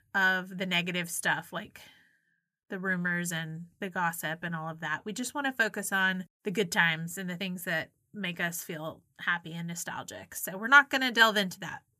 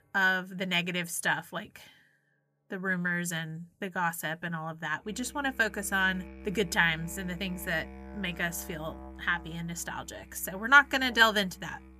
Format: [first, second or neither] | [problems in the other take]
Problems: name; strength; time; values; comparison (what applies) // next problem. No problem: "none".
first | background music; noticeable; throughout; 20 dB below the speech